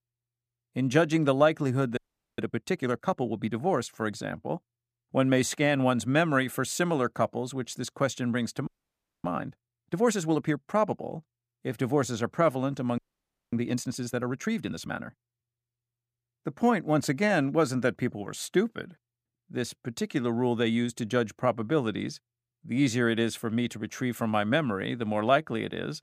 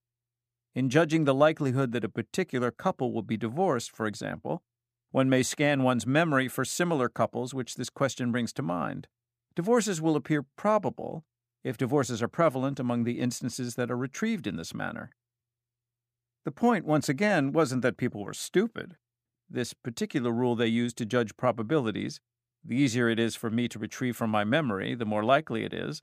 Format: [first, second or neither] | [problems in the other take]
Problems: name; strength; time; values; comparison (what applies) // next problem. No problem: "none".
second | audio freezing; at 2 s, at 8.5 s for 0.5 s and at 13 s for 0.5 s